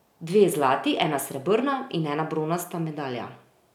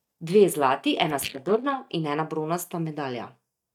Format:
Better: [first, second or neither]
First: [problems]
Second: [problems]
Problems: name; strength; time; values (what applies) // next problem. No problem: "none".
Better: first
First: none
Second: noise reduction (neural mask model DeepFilterNet 3)